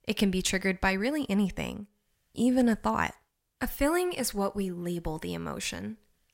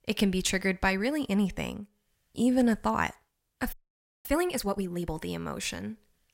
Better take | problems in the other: first | audio freezing; at 3.5 s for 0.5 s

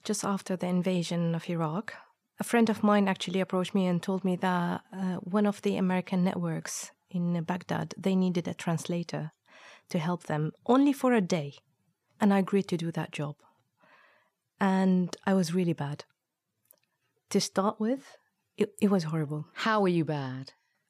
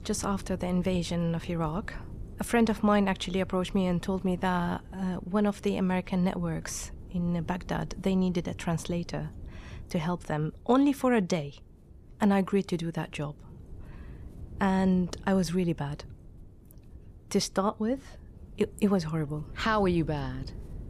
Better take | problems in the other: first | wind noise on the microphone; occasional gusts; 25 dB below the speech

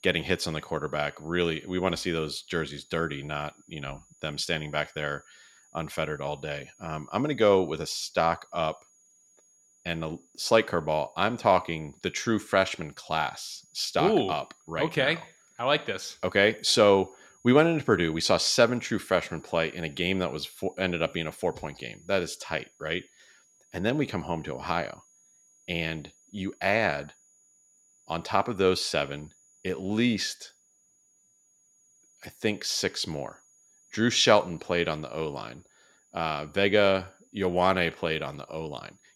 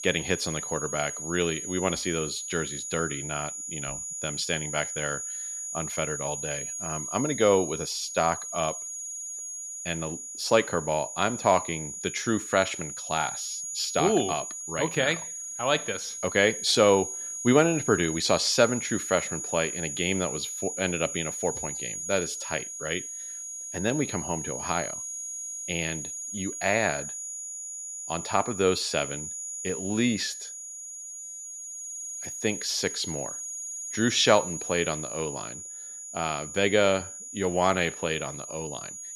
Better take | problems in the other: first | high-pitched whine; loud; throughout; 6.5 kHz, 6 dB below the speech; faint in the first

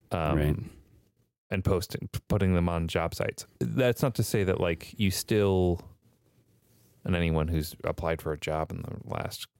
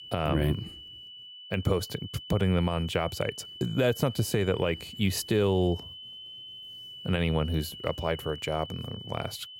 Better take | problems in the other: first | high-pitched whine; noticeable; throughout; 3 kHz, 15 dB below the speech

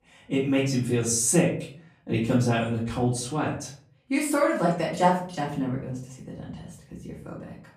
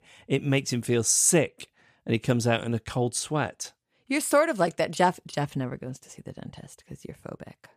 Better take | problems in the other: second | off-mic speech; far // room echo; slight; dies away in 0.5 s

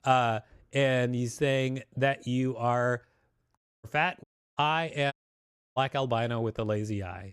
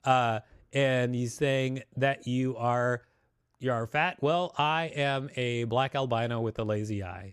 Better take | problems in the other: second | audio cutting out; at 3.5 s, at 4 s and at 5 s for 0.5 s

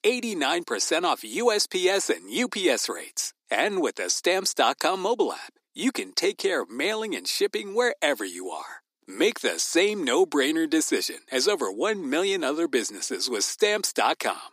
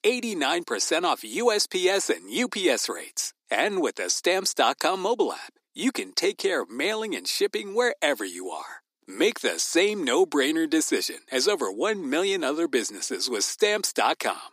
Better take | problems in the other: neither | thin; somewhat; fading below 250 Hz; the same in both

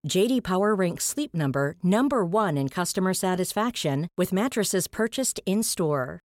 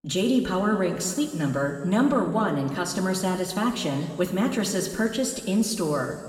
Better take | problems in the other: first | room echo; noticeable; dies away in 2.2 s // off-mic speech; far

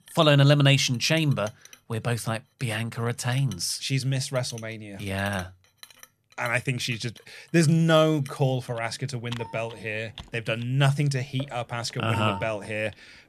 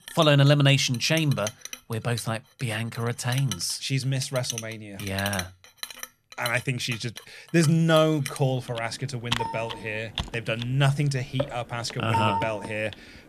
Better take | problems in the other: first | household noises; loud; throughout; 10 dB below the speech; faint in the first

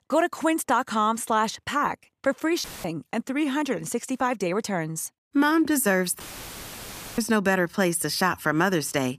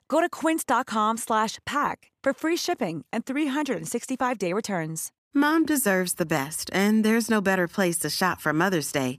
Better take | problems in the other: second | audio cutting out; filled with static; at 2.5 s and at 6 s for 1 s

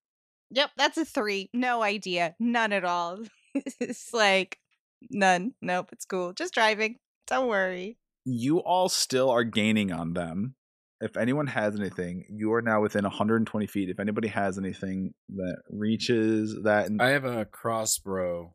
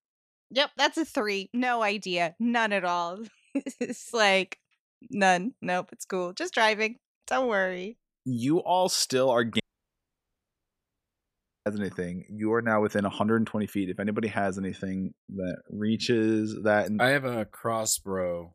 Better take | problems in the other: first | audio cutting out; at 9.5 s for 2 s

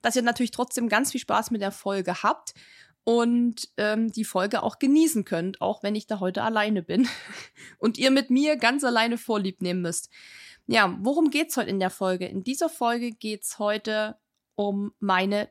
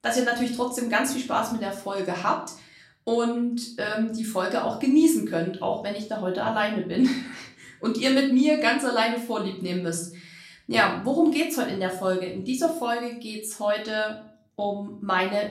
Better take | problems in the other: first | room echo; slight; dies away in 0.5 s // off-mic speech; far

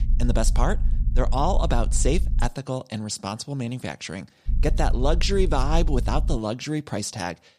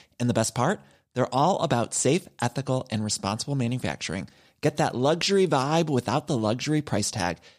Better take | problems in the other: second | low rumble; noticeable; until 2.5 s and from 4.5 to 6.5 s; 20 dB below the speech

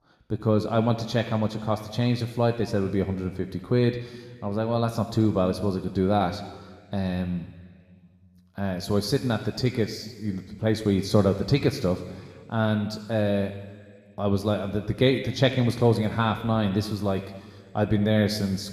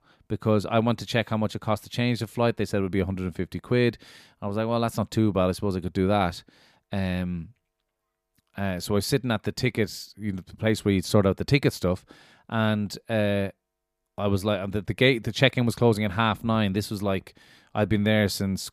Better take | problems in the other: second | room echo; slight; dies away in 1.6 s

